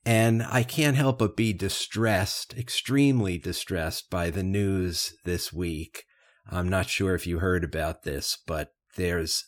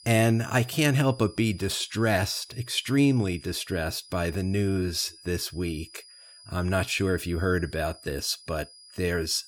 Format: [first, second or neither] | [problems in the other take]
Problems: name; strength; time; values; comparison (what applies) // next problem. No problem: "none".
first | high-pitched whine; faint; throughout; 5 kHz, 20 dB below the speech